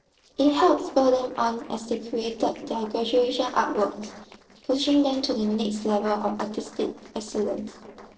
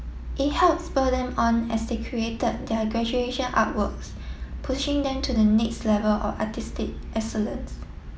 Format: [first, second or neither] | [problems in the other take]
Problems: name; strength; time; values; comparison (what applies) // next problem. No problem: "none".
second | noise reduction (neural separator model SepFormer DNS4)